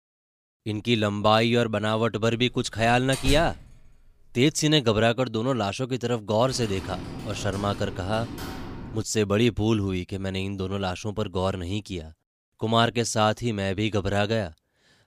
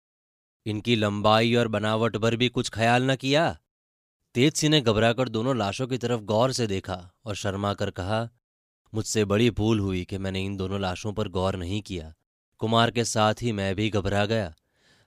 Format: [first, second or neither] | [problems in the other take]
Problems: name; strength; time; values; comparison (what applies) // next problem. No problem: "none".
second | door banging; noticeable; at 3 s; peak 6 dB below the speech // keyboard typing; faint; from 6.5 to 9 s; peak 10 dB below the speech